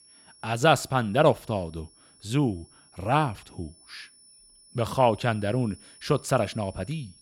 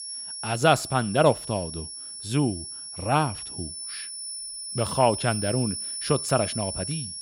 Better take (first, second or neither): first